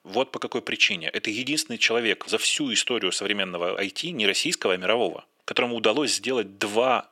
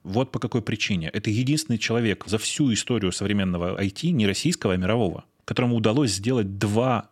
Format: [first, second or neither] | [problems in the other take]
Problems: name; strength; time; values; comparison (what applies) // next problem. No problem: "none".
second | thin; somewhat; fading below 450 Hz